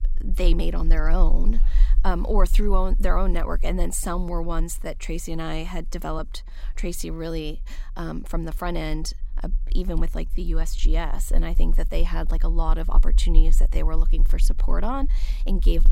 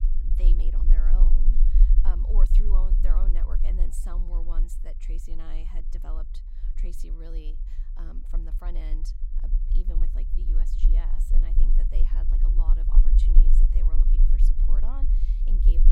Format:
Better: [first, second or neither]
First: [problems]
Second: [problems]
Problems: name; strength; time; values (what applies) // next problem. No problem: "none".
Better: first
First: low rumble; faint; throughout; 20 dB below the speech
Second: low rumble; loud; throughout; 2 dB below the speech